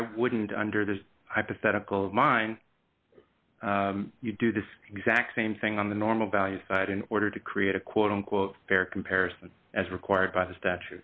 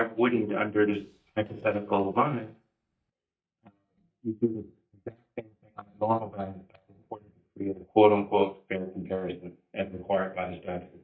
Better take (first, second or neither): first